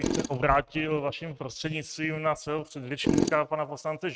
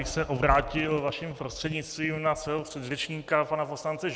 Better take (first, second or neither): second